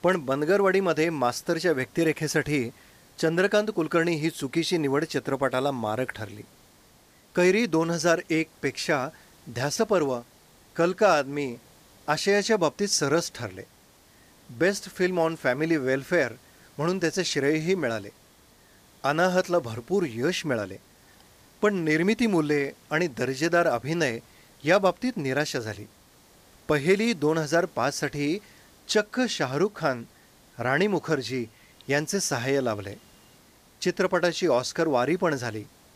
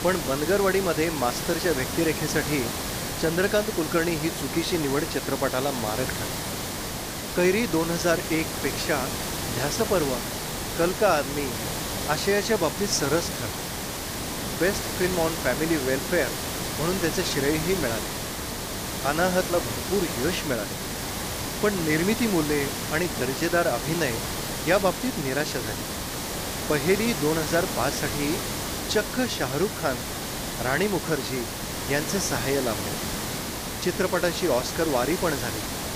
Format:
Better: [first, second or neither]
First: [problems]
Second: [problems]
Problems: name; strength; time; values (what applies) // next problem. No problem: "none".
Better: first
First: hiss; faint; throughout; 30 dB below the speech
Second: hiss; loud; throughout; 3 dB below the speech